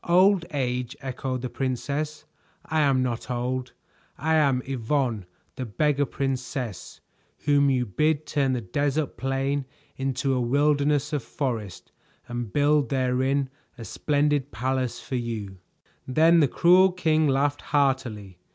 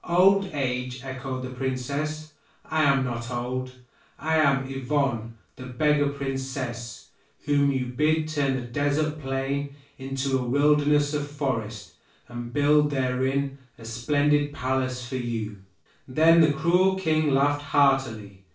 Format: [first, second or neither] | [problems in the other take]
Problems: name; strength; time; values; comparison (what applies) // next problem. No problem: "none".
first | room echo; dies away in 0.3 s